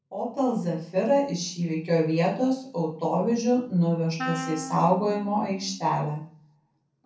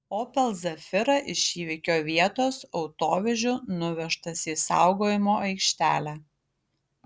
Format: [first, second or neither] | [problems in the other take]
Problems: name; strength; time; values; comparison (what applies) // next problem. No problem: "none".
second | background sound (Wind instrument, woodwind instrument); 12 dB below the speech // room echo; dies away in 0.6 s